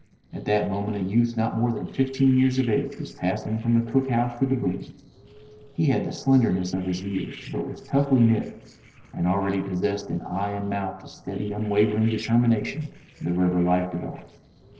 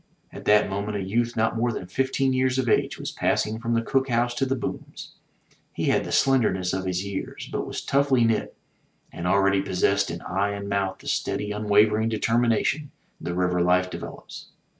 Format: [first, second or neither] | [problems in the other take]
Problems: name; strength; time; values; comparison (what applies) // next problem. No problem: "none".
second | noise reduction (neural separator model SepFormer DNS4)